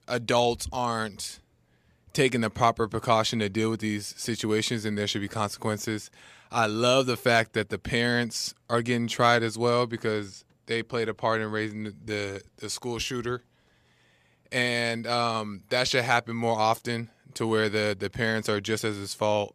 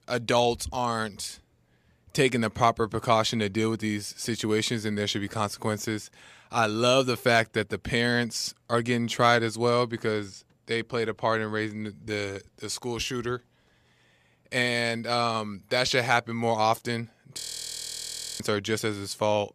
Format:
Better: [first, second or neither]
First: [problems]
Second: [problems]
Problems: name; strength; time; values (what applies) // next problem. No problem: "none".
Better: first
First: none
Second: audio freezing; at 17 s for 1 s